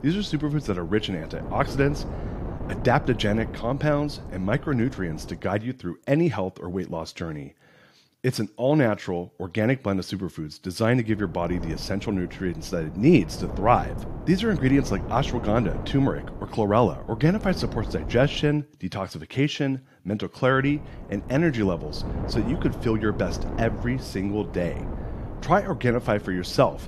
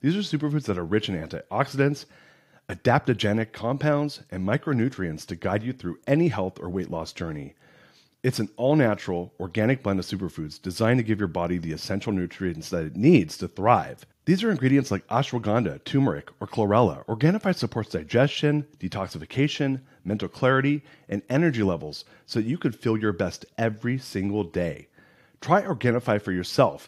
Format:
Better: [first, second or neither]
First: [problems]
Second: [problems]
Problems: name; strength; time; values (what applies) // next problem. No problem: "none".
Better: second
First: wind noise on the microphone; occasional gusts; until 5.5 s, from 11 to 18 s and from 21 s on; 15 dB below the speech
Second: none